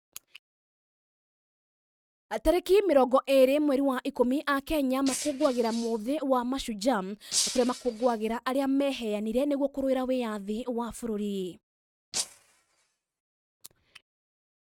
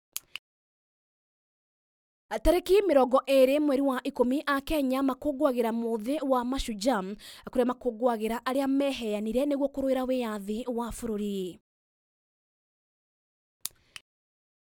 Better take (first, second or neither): second